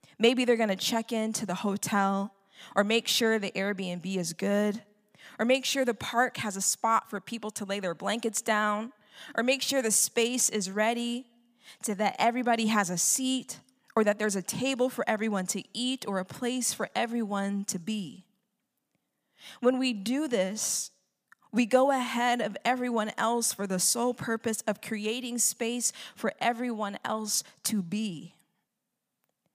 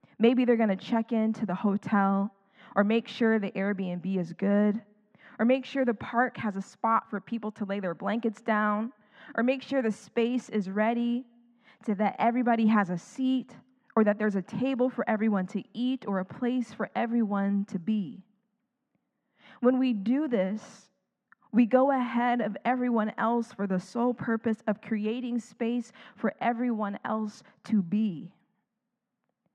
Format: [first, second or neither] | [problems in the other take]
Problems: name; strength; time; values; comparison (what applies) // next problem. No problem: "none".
first | muffled; very; fading above 1.5 kHz